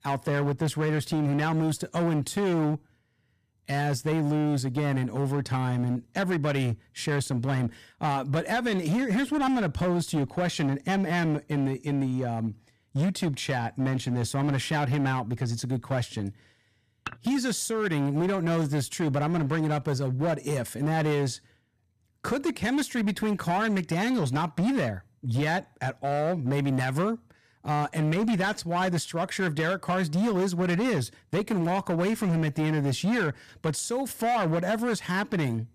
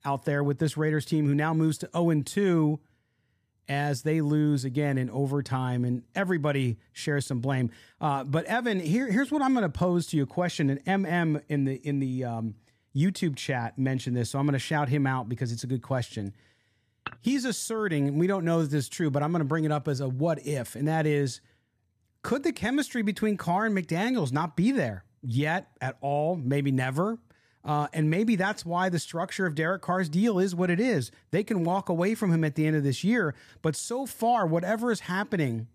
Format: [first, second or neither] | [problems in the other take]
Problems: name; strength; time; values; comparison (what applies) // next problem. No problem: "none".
second | distortion; slight; 17% of the sound clipped